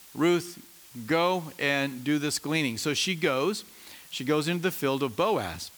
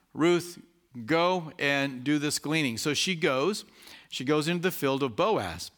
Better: second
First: hiss; faint; throughout; 20 dB below the speech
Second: none

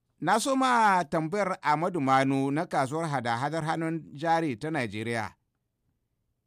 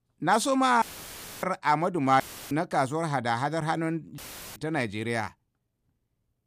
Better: first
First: none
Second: audio cutting out; filled with static; at 1 s for 0.5 s, at 2 s and at 4 s

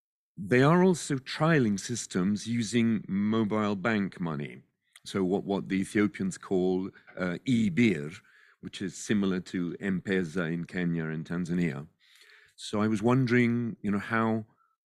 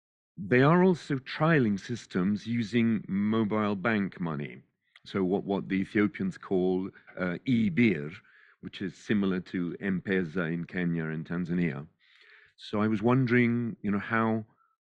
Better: first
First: none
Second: muffled; slightly; fading above 3 kHz

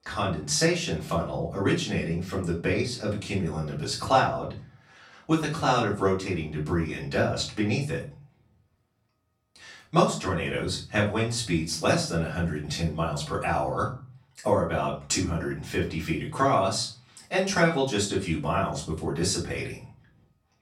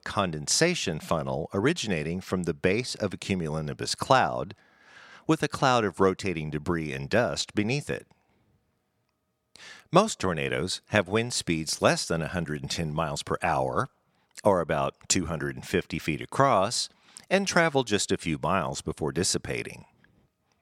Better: second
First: off-mic speech; far // room echo; slight; dies away in 0.4 s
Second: none

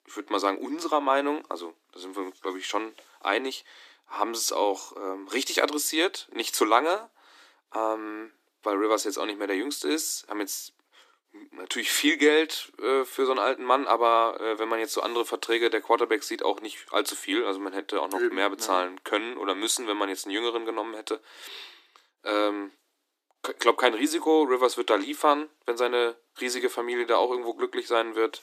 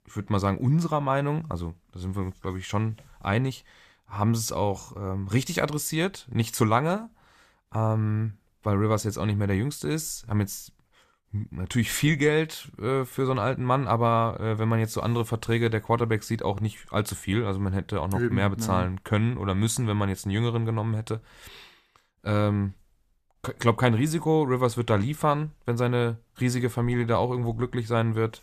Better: second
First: thin; somewhat; fading below 300 Hz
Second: none

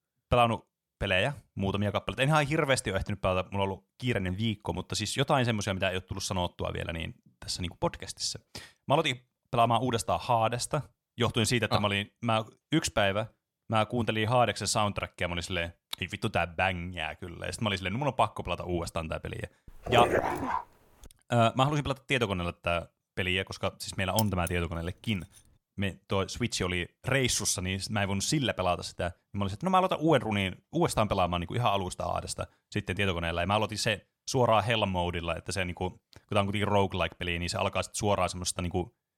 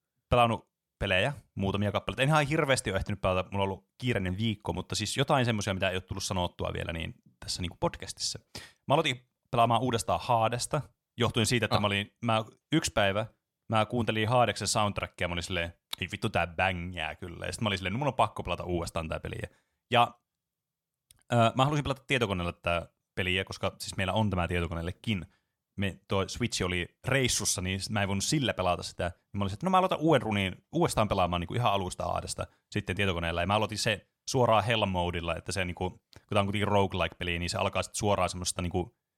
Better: second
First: dog barking; loud; at 20 s; peak 3 dB above the speech // jangling keys; noticeable; at 24 s; peak 5 dB below the speech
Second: none

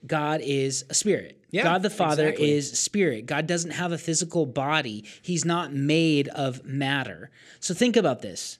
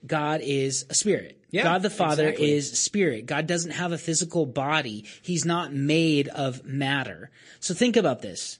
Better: first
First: none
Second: garbled, watery; slightly; nothing above 8.5 kHz

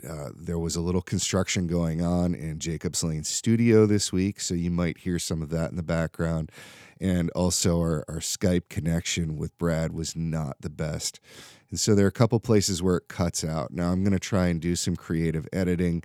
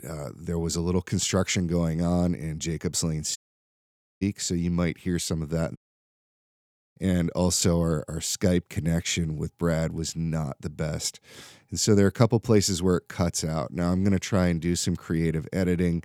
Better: first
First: none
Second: audio cutting out; at 3.5 s for 1 s and at 6 s for 1 s

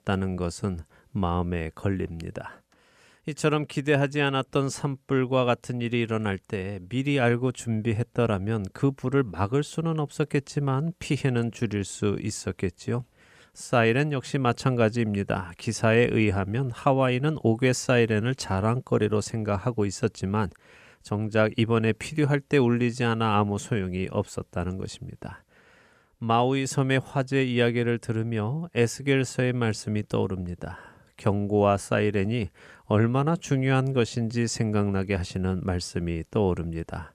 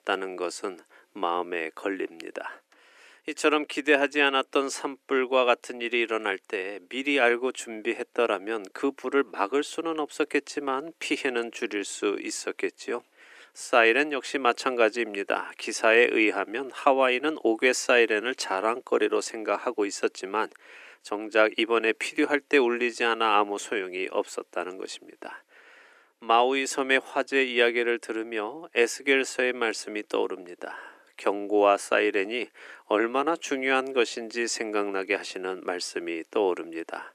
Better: first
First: none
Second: thin; somewhat; fading below 300 Hz

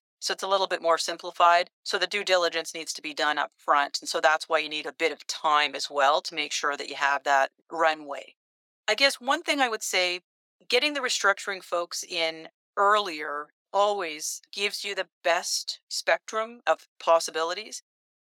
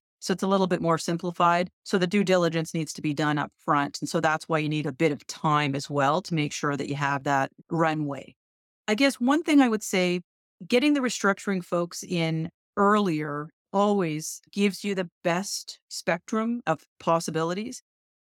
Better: second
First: thin; very; fading below 500 Hz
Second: none

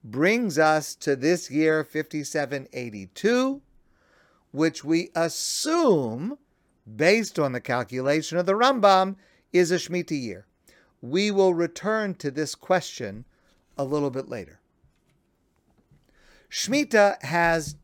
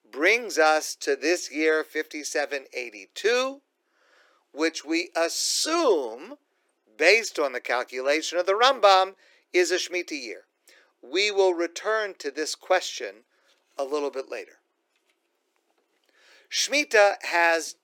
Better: first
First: none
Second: thin; somewhat; fading below 350 Hz

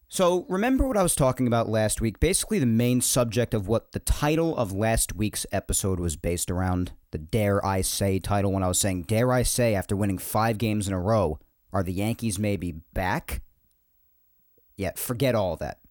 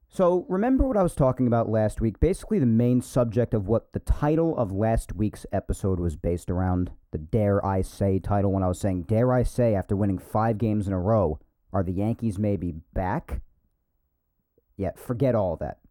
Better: first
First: none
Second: muffled; very; fading above 1.5 kHz

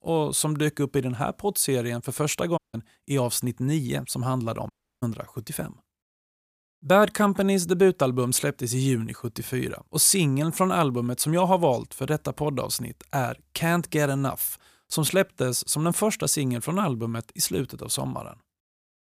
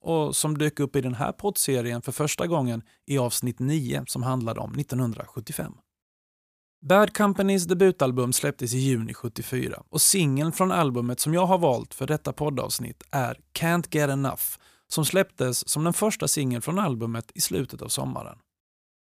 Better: second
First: audio cutting out; at 2.5 s and at 4.5 s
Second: none

